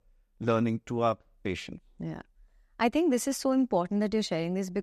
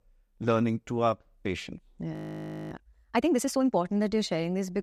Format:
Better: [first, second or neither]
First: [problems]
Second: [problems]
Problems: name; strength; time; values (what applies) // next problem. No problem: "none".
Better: first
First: none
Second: audio freezing; at 2 s for 0.5 s